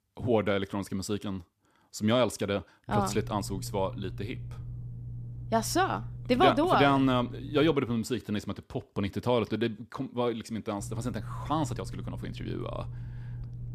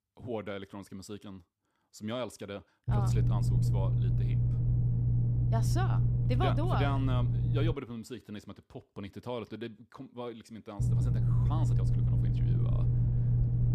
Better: first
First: low rumble; faint; from 3 to 7.5 s and from 11 s on; 25 dB below the speech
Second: low rumble; loud; from 3 to 7.5 s and from 11 s on; 1 dB below the speech

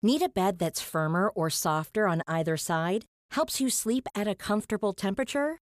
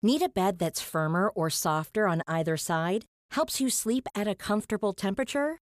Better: neither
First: none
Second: none

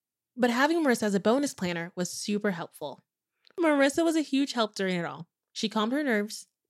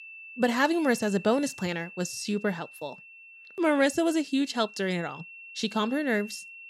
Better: first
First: none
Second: high-pitched whine; noticeable; throughout; 2.5 kHz, 15 dB below the speech

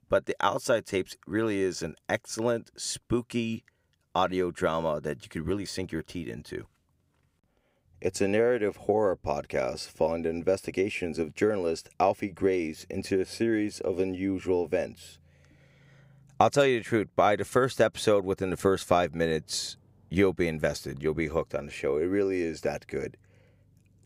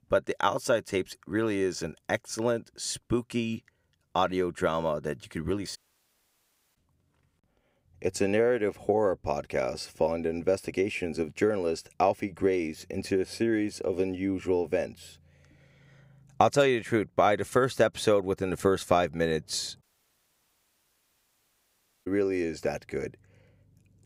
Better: first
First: none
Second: audio cutting out; at 6 s for 1 s and at 20 s for 2 s

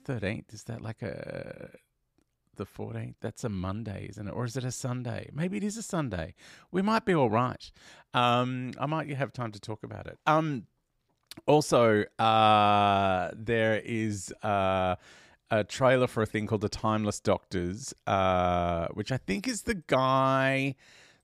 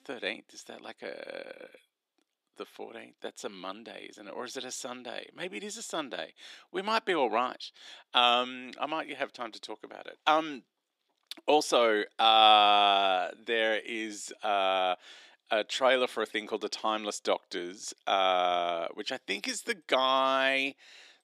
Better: first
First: none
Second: thin; somewhat; fading below 300 Hz

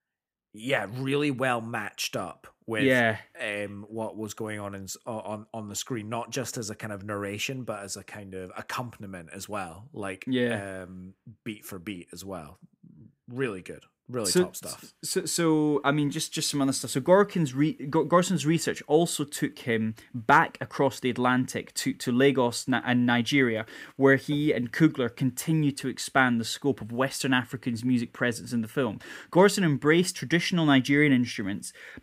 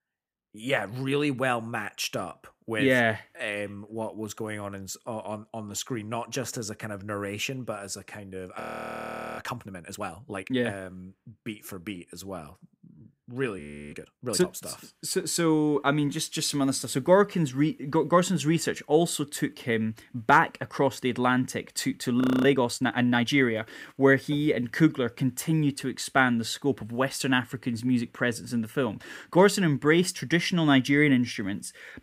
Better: first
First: none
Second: audio freezing; at 8.5 s for 1 s, at 14 s and at 22 s

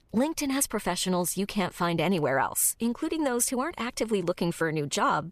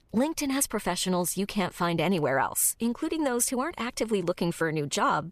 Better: neither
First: none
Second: none

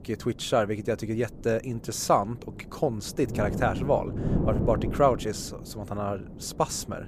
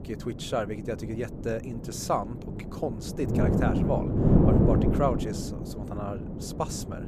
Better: first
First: wind noise on the microphone; occasional gusts; 10 dB below the speech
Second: wind noise on the microphone; heavy; as loud as the speech

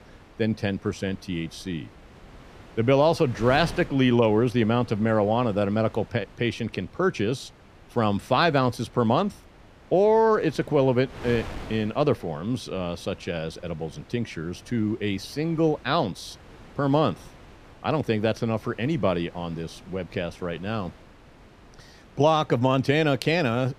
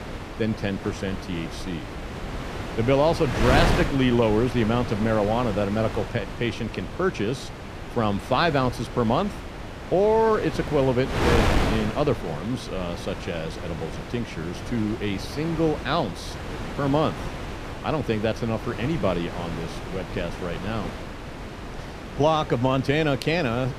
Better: first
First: wind noise on the microphone; occasional gusts; 20 dB below the speech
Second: wind noise on the microphone; heavy; 7 dB below the speech

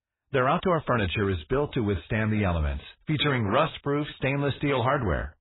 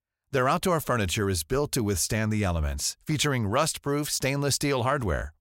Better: second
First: garbled, watery; badly; nothing above 4 kHz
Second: none

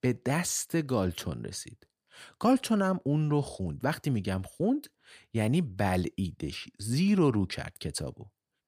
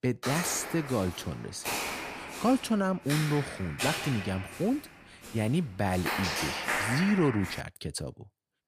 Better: first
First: none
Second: footsteps; loud; until 7.5 s; peak 2 dB above the speech

